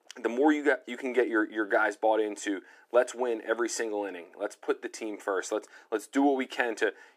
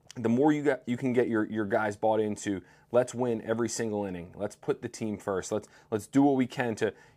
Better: second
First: thin; very slightly; fading below 300 Hz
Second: none

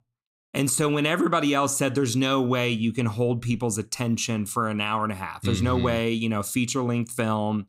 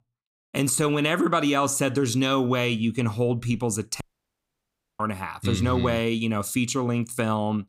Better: first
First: none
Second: audio cutting out; at 4 s for 1 s

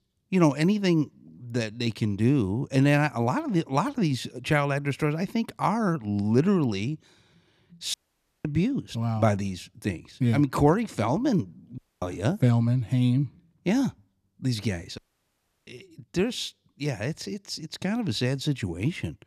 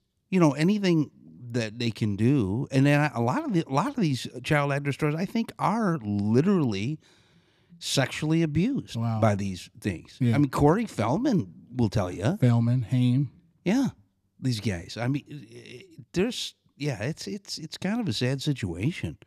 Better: second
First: audio cutting out; at 8 s, at 12 s and at 15 s for 0.5 s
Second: none

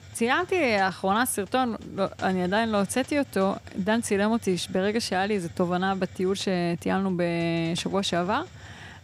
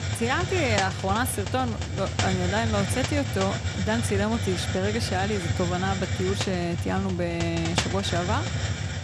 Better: first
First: hiss; faint; throughout; 20 dB below the speech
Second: hiss; loud; throughout; 1 dB below the speech

